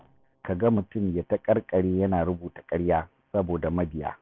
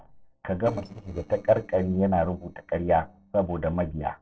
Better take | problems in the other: first | noise reduction (neural separator model SepFormer DNS4)

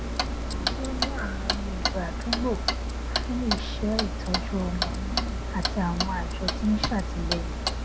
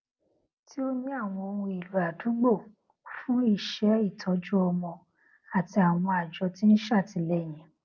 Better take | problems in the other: second | background sound (Clock); 3 dB above the speech

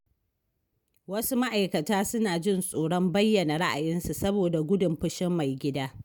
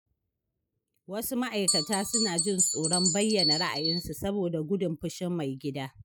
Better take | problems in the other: first | noise reduction (classical method Wiener filter)

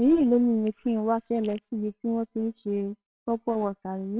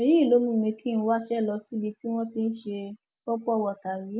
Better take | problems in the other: second | noise reduction (neural separator model SepFormer WHAMR!)

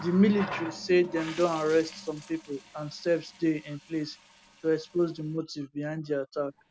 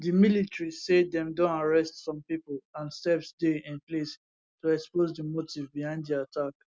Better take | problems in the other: second | background sound (Water tap, faucet); 16 dB below the speech

